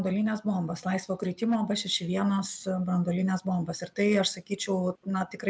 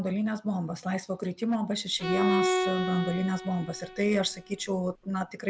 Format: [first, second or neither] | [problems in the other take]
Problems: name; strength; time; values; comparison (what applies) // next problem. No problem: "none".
first | background sound (Bowed string instrument); 2 dB below the speech